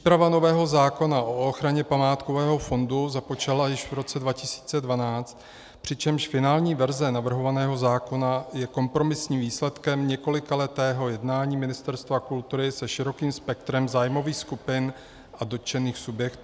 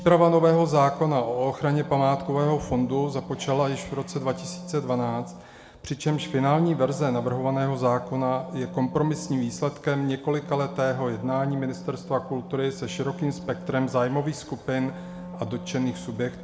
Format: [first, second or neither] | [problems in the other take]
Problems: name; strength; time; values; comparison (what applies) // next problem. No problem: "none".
first | background sound (Wind instrument, woodwind instrument); 14 dB below the speech // room echo; dies away in 1.3 s